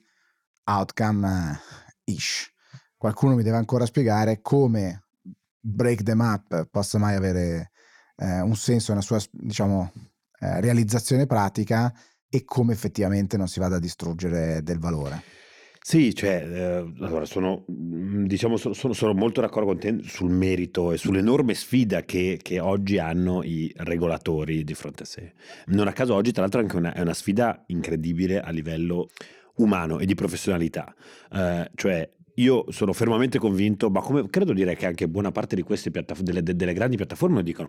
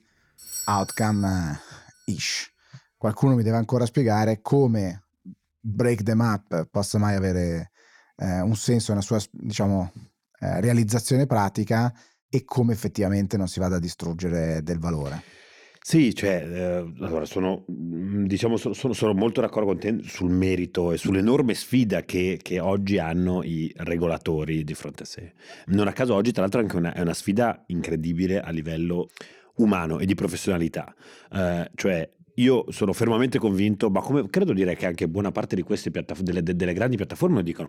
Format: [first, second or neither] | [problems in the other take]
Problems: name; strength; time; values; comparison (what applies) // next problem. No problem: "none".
first | doorbell; noticeable; at 0.5 s; peak 7 dB below the speech